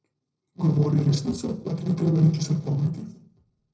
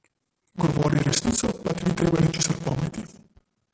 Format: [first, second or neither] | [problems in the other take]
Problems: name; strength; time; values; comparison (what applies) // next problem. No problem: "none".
second | room echo; dies away in 0.4 s